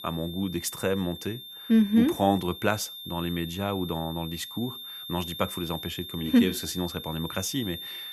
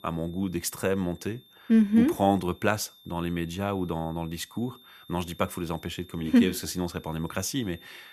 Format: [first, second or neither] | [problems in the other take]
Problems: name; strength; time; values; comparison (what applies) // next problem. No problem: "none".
second | high-pitched whine; loud; throughout; 3.5 kHz, 10 dB below the speech; faint in the second